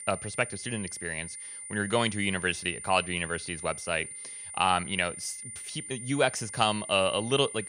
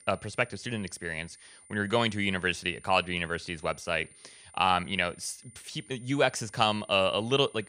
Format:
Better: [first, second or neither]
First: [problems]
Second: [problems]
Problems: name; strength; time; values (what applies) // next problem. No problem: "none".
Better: second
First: high-pitched whine; loud; throughout; 9.5 kHz, 9 dB below the speech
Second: high-pitched whine; faint; throughout; 9.5 kHz, 25 dB below the speech